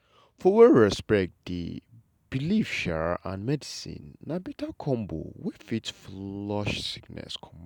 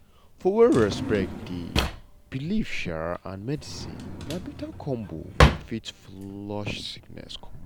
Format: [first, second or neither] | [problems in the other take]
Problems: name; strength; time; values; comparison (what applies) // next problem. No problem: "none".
first | background sound (Drawer open or close); 1 dB below the speech